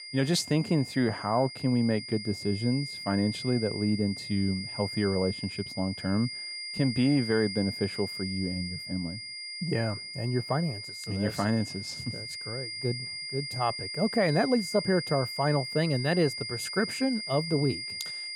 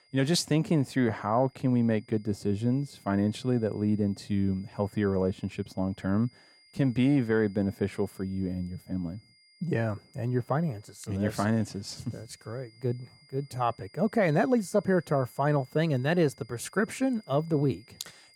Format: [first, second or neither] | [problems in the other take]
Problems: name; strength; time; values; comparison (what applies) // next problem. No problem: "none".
second | high-pitched whine; loud; throughout; 5 kHz, 6 dB below the speech; faint in the second